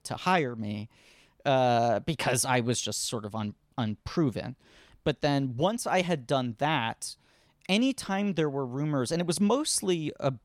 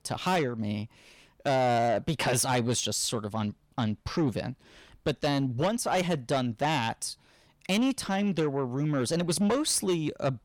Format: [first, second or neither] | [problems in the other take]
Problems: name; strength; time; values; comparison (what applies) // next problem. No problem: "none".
first | distortion; slight; 10 dB below the speech